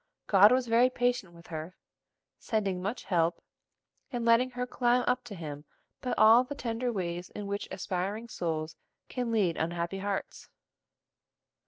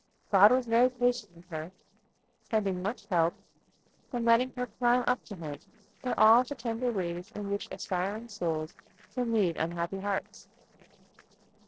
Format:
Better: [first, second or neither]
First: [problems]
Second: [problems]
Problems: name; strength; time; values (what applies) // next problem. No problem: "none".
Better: first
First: none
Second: noise reduction (neural separator model SepFormer DNS4)